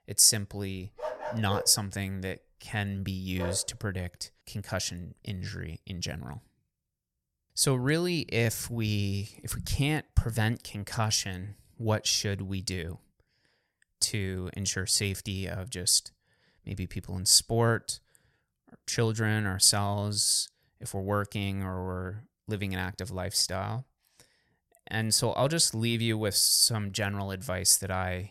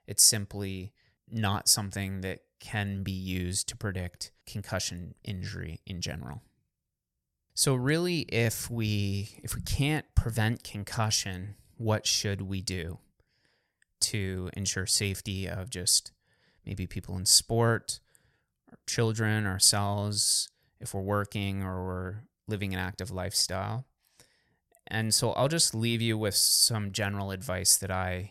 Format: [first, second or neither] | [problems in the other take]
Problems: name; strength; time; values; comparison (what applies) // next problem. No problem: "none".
second | dog barking; noticeable; from 1 to 3.5 s; peak 8 dB below the speech